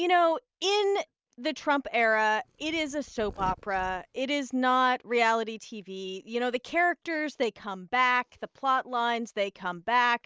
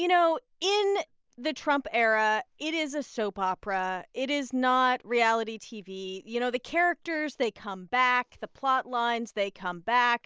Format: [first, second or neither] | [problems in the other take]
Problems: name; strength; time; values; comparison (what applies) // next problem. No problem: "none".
second | noise reduction (neural mask model RNNoise)